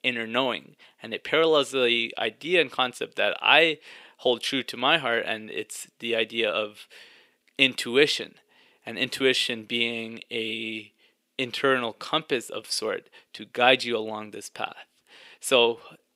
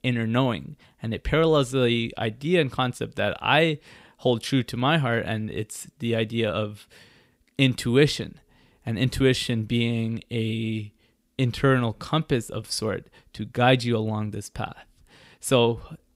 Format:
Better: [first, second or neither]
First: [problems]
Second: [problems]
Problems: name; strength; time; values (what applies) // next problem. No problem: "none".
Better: second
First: thin; somewhat; fading below 400 Hz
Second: none